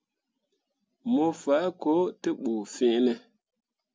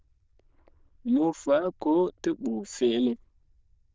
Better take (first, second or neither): first